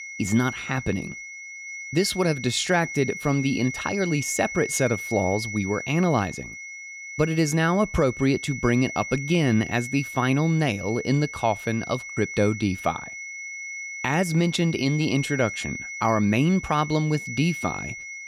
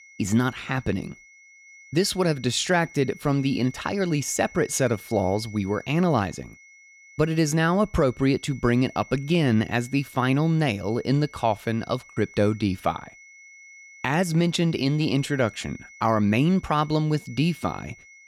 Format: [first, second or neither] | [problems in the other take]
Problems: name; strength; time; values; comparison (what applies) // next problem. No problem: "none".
second | high-pitched whine; loud; throughout; 2 kHz, 9 dB below the speech; faint in the second